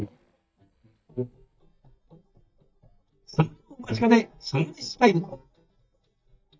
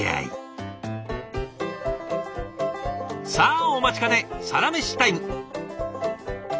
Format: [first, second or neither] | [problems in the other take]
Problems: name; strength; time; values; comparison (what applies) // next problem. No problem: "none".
second | noise reduction (neural mask model DeepFilterNet 3)